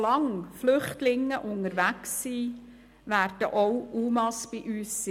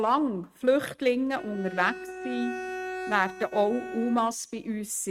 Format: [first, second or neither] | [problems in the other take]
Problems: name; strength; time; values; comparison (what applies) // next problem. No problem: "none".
first | noise reduction (neural mask model RNNoise)